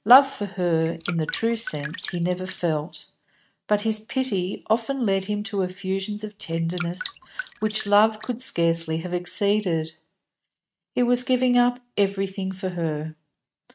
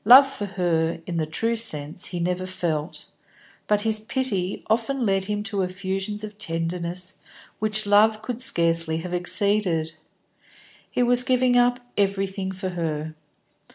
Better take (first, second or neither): second